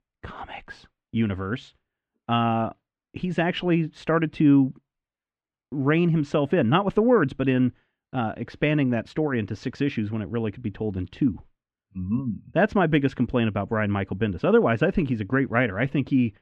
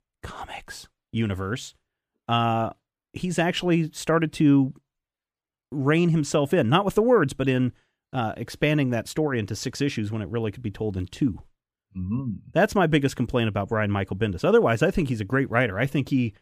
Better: second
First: muffled; slightly; fading above 2.5 kHz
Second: none

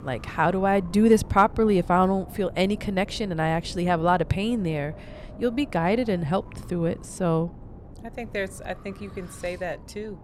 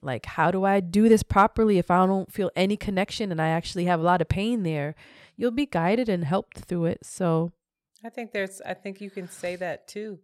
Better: second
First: wind noise on the microphone; occasional gusts; 20 dB below the speech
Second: none

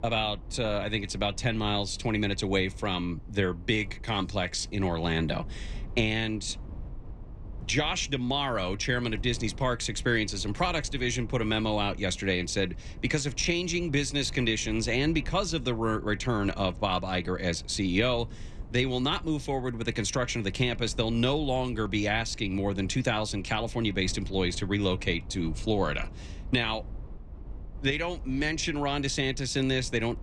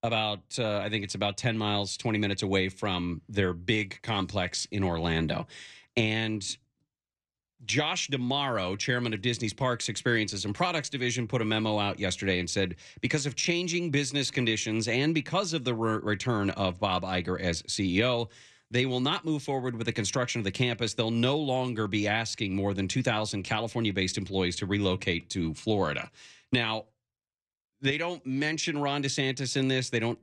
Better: second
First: low rumble; faint; throughout; 25 dB below the speech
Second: none

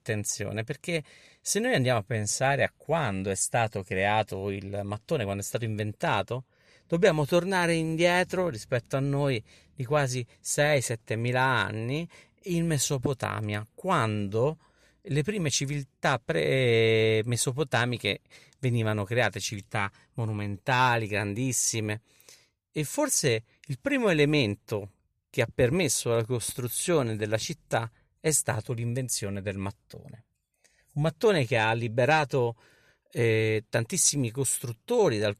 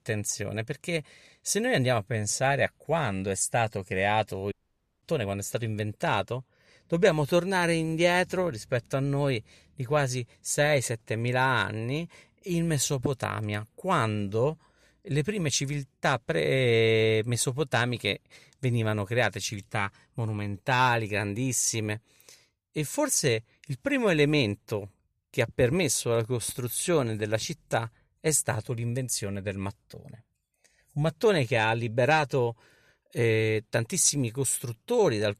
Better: first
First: none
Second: audio cutting out; at 4.5 s for 0.5 s

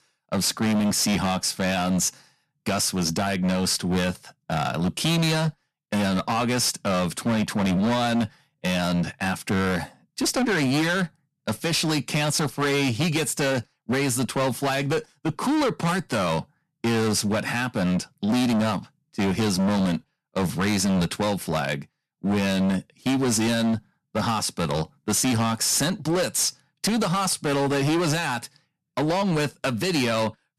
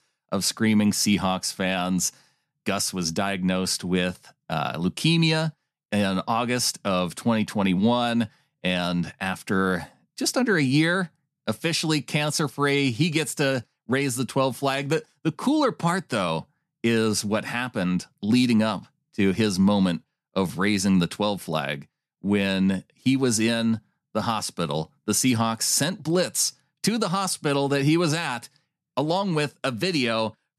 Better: second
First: distortion; heavy; 22% of the sound clipped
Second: none

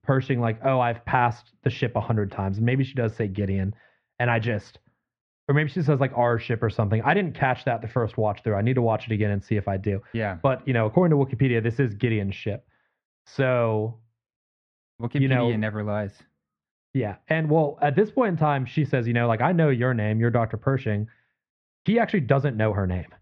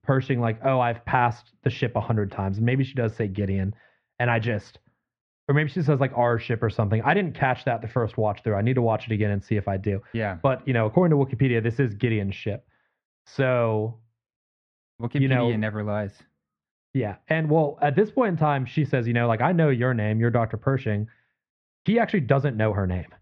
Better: neither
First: muffled; very; fading above 4 kHz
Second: muffled; very; fading above 4 kHz

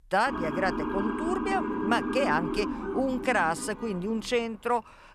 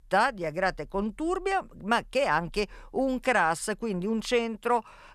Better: second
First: siren; noticeable; until 4.5 s; peak 1 dB below the speech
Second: none

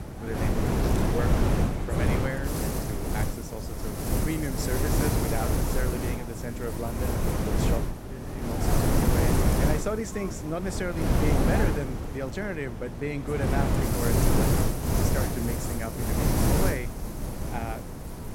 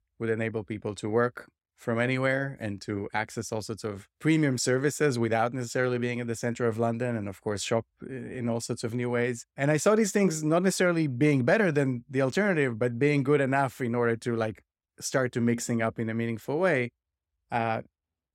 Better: second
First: wind noise on the microphone; heavy; 3 dB above the speech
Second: none

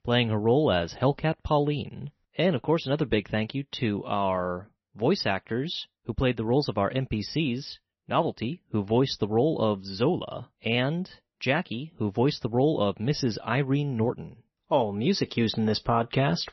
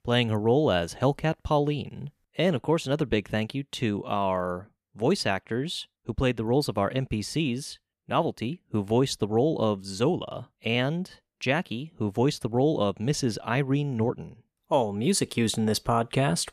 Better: second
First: garbled, watery; slightly; nothing above 5.5 kHz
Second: none

